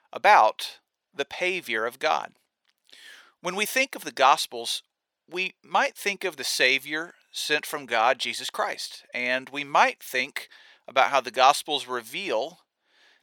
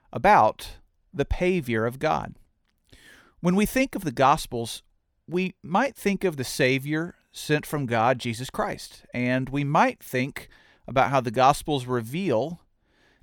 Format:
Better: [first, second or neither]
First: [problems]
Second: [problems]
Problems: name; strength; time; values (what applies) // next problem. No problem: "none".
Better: second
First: thin; very; fading below 550 Hz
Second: none